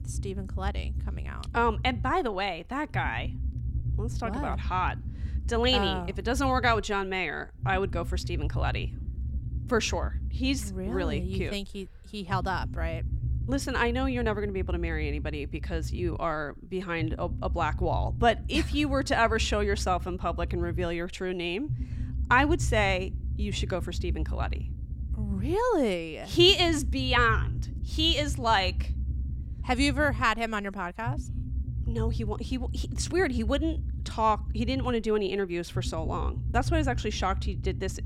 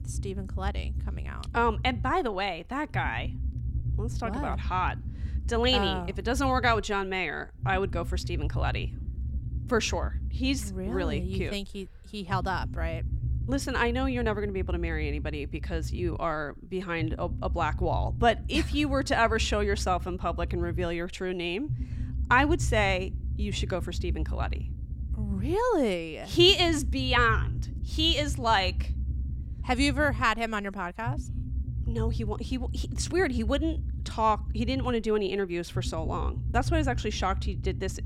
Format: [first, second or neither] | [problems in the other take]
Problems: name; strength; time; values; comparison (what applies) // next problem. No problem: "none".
neither | low rumble; faint; throughout; 20 dB below the speech; the same in both